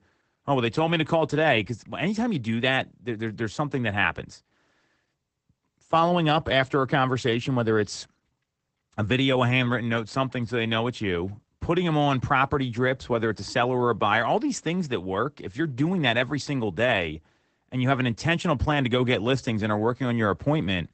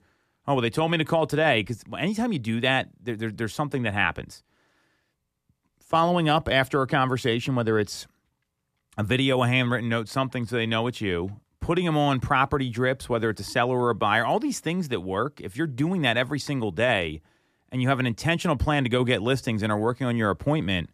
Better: second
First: garbled, watery; badly; nothing above 8 kHz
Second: none

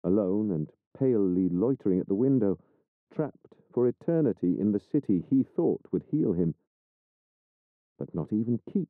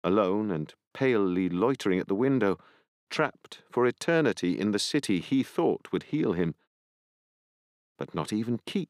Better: second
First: muffled; very; fading above 1.5 kHz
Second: none

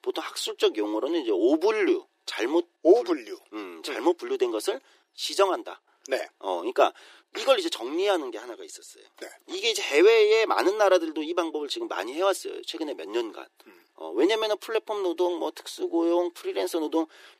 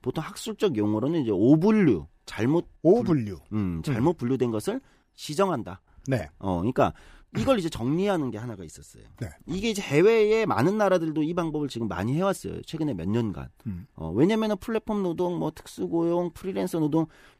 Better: second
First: thin; very; fading below 350 Hz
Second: none

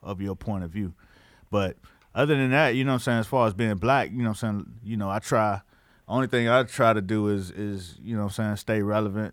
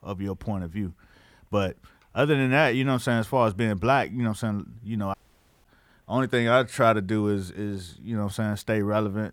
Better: first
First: none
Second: audio cutting out; at 5 s for 0.5 s

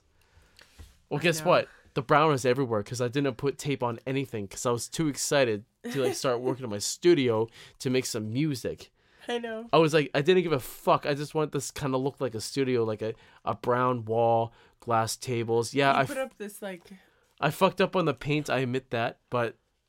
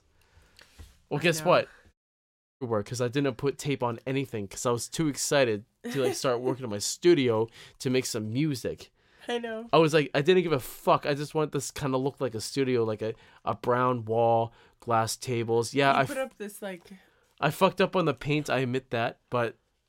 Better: first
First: none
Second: audio cutting out; at 2 s for 0.5 s

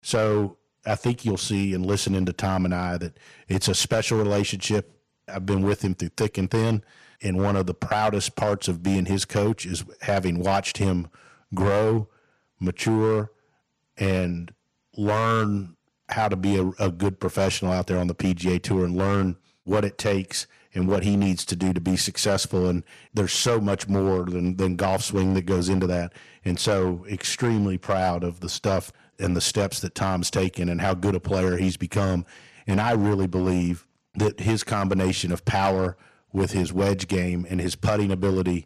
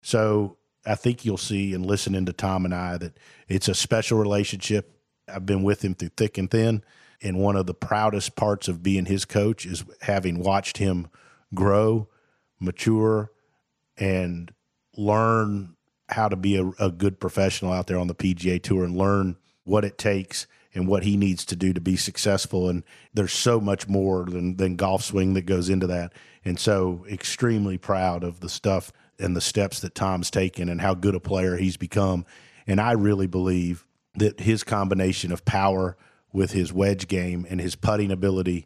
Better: second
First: distortion; slight; 6% of the sound clipped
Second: none

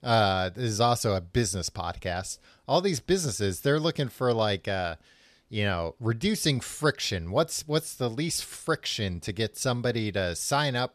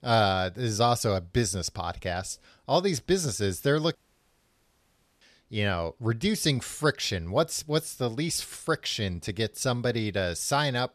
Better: first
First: none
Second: audio cutting out; at 4 s for 1.5 s

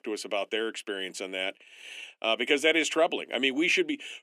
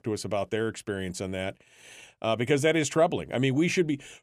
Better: second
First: thin; very slightly; fading below 250 Hz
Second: none

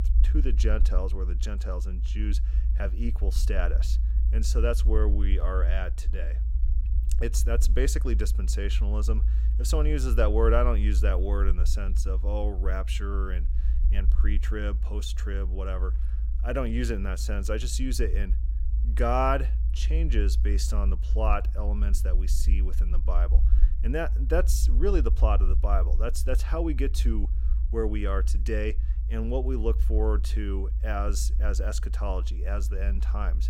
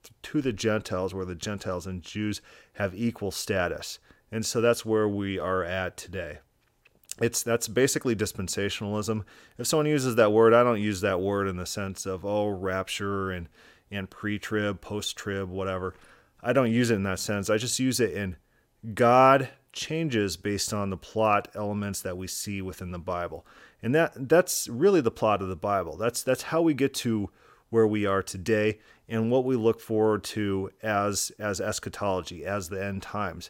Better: second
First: low rumble; noticeable; throughout; 15 dB below the speech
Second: none

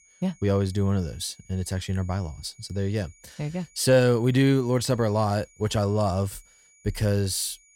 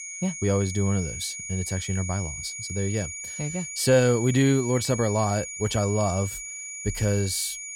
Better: first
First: high-pitched whine; faint; throughout; 7 kHz, 30 dB below the speech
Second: high-pitched whine; loud; throughout; 7 kHz, 8 dB below the speech

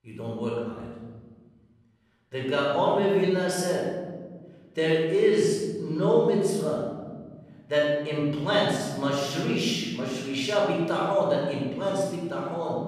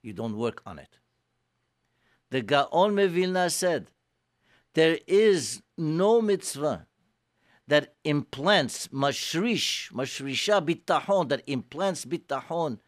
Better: second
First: off-mic speech; far // room echo; strong; dies away in 2 s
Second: none

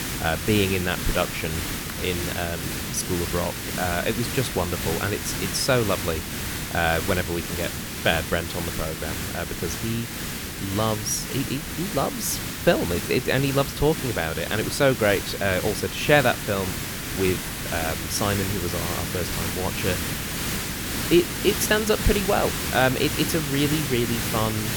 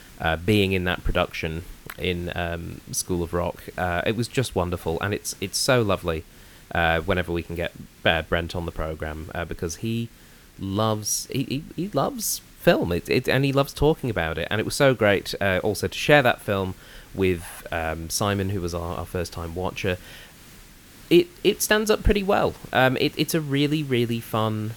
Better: second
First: hiss; loud; throughout; 3 dB below the speech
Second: hiss; faint; throughout; 25 dB below the speech

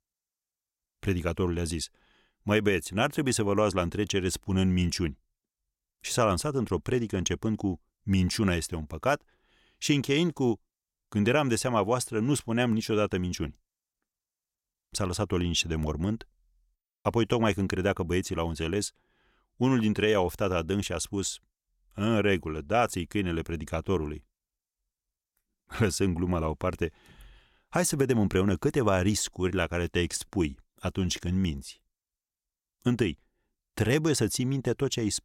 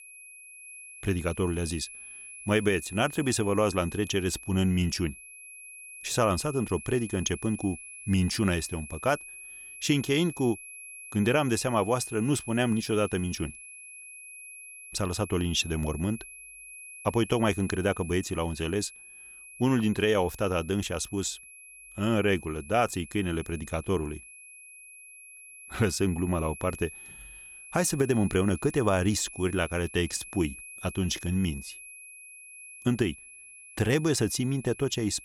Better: first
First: none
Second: high-pitched whine; noticeable; throughout; 2.5 kHz, 15 dB below the speech

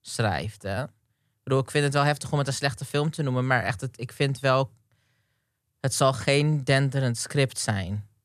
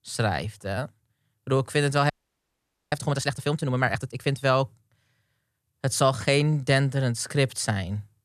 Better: first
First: none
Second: audio freezing; at 2 s for 1 s

